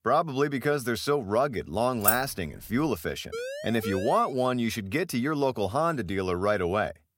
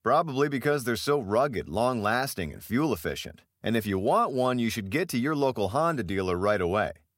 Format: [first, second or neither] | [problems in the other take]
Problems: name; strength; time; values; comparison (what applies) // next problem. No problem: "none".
second | jangling keys; loud; at 2 s; peak 3 dB above the speech // siren; noticeable; from 3.5 to 4.5 s; peak 8 dB below the speech